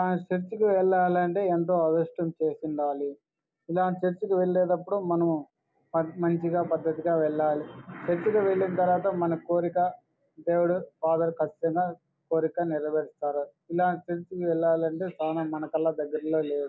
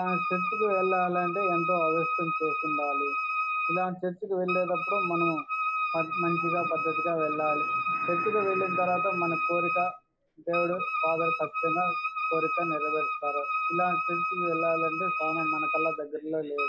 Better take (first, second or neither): first